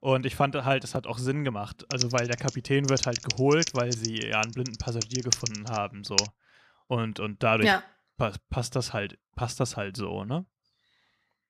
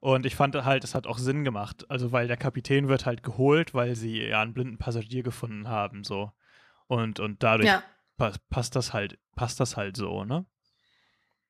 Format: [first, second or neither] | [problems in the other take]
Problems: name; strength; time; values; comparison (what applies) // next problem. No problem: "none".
second | keyboard typing; loud; from 2 to 6 s; peak 3 dB above the speech